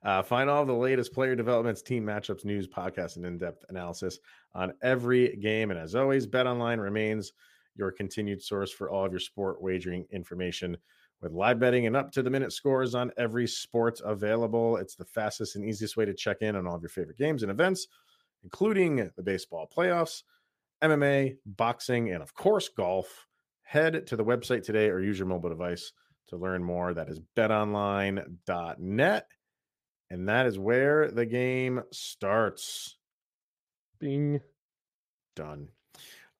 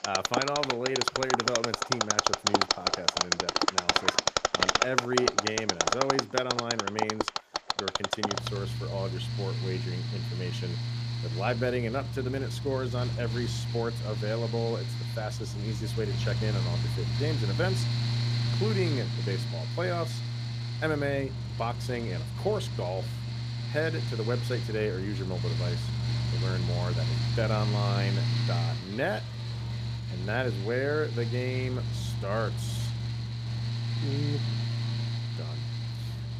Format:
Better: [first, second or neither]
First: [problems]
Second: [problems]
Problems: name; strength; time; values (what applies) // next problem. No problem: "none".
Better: first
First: none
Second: machinery noise; very loud; throughout; 4 dB above the speech